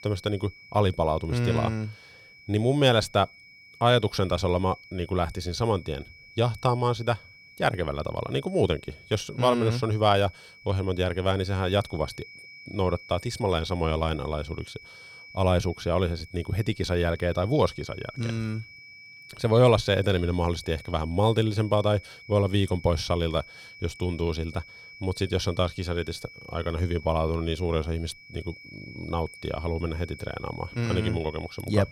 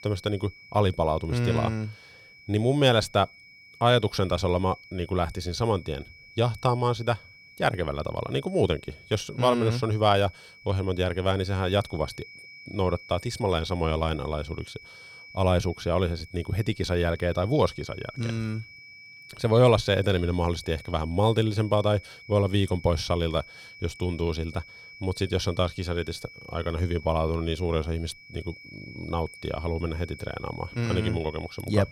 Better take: neither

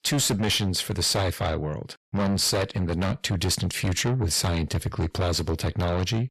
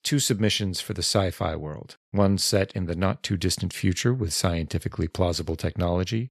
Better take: second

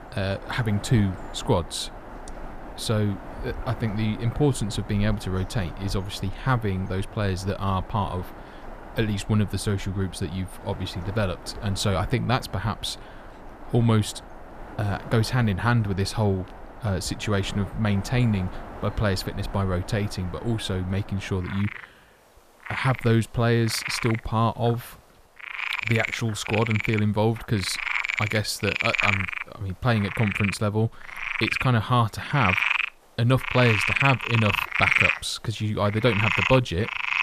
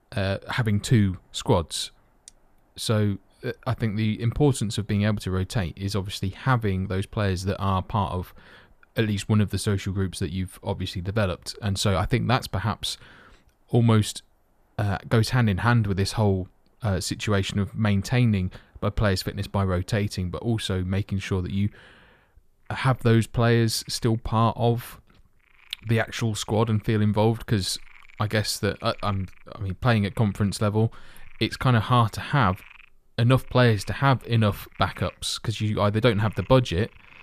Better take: second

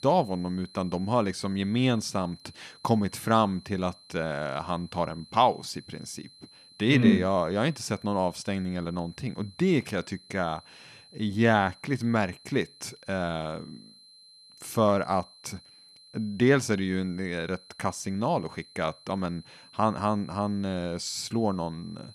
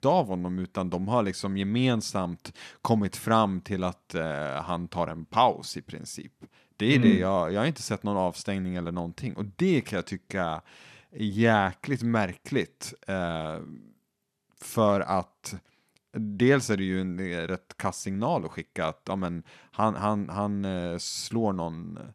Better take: second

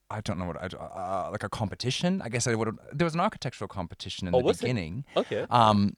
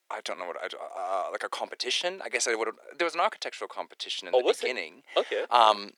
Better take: first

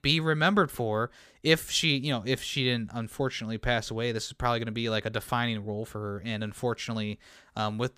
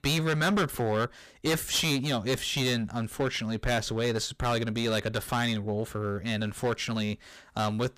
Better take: first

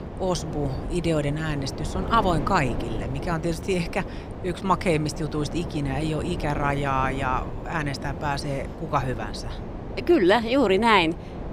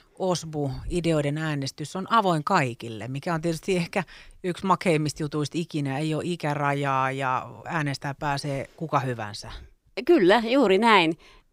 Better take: second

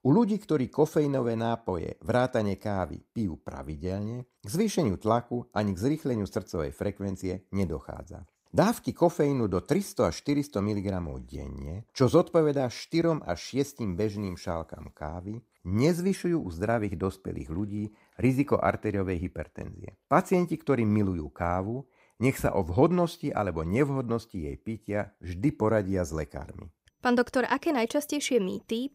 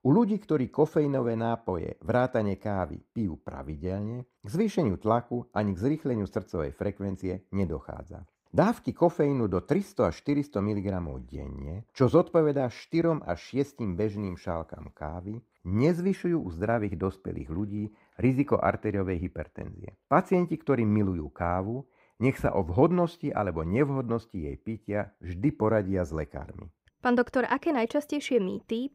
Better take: first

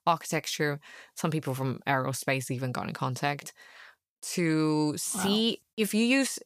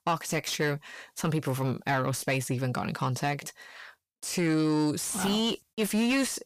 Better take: first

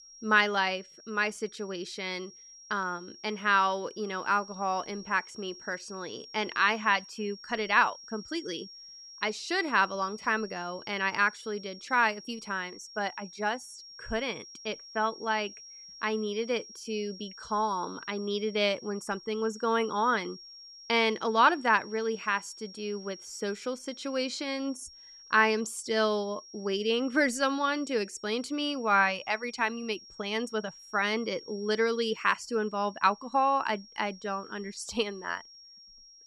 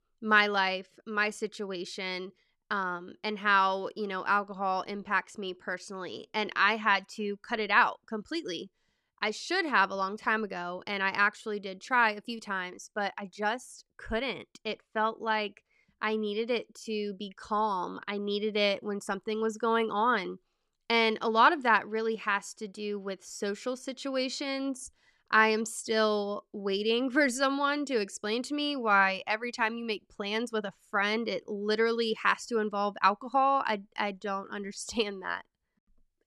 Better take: second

